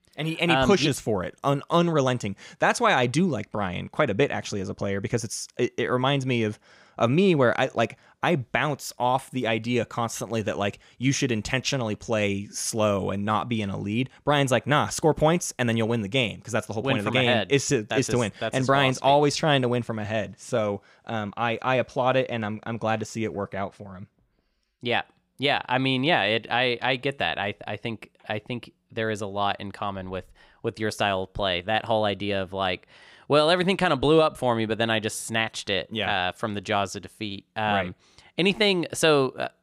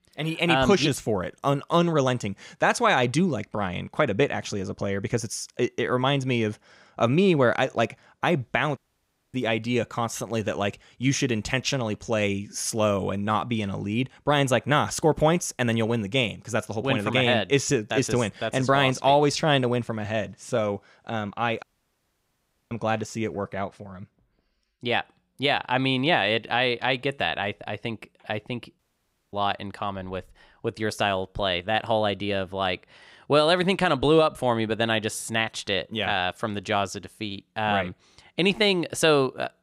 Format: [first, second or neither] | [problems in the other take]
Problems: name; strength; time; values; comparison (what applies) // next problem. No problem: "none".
first | audio cutting out; at 9 s for 0.5 s, at 22 s for 1 s and at 29 s for 0.5 s